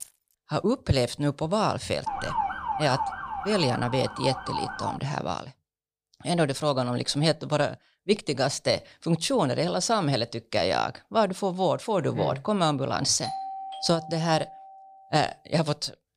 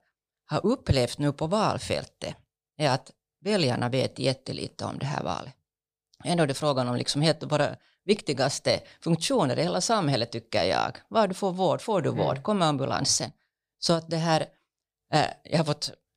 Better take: second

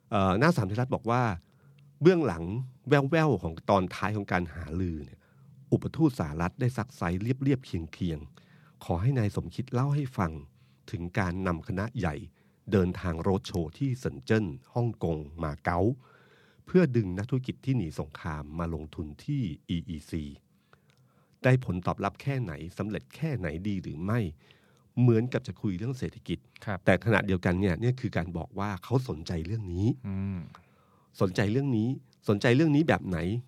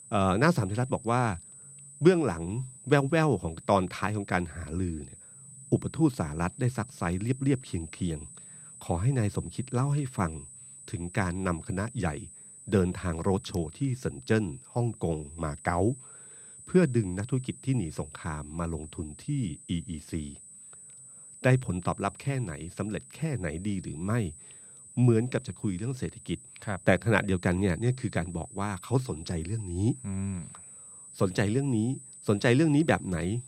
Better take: first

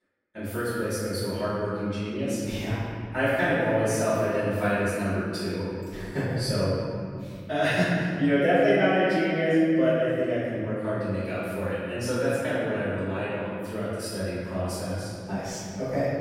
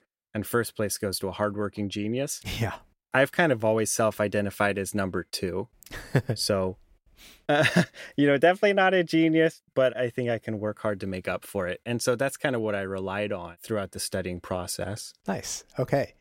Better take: second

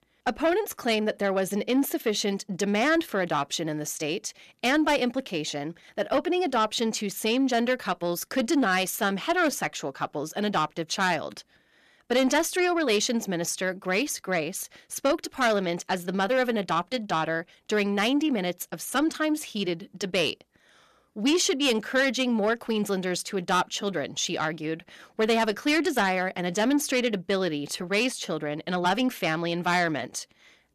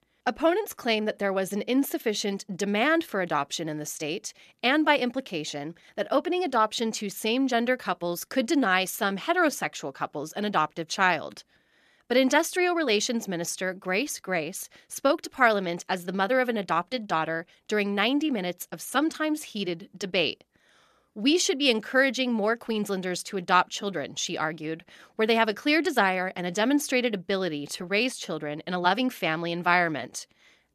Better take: second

